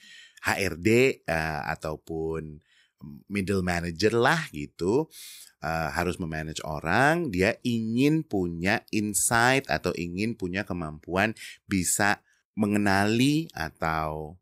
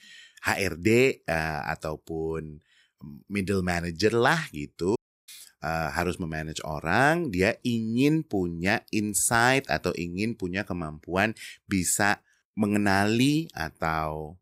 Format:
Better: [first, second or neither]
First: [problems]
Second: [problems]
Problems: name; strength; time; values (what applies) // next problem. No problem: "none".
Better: first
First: none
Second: audio cutting out; at 5 s